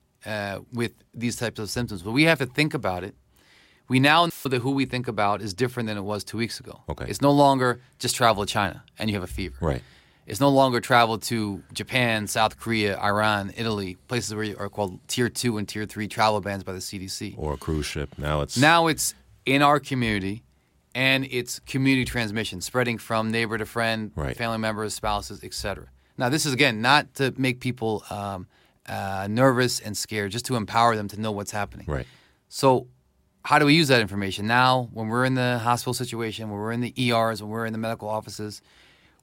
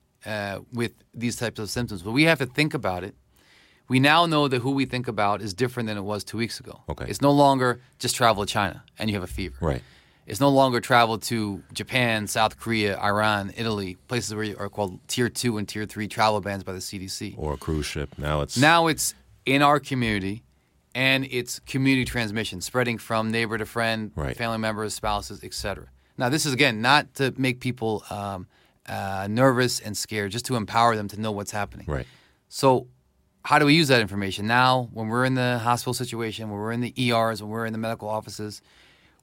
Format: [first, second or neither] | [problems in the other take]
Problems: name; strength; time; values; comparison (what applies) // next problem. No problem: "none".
second | audio cutting out; filled with static; at 4.5 s